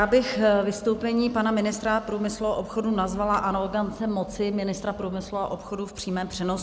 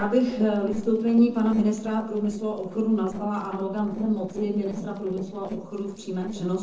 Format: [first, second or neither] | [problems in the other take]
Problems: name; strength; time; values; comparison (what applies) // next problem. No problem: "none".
first | noise reduction (neural separator model SepFormer DNS4)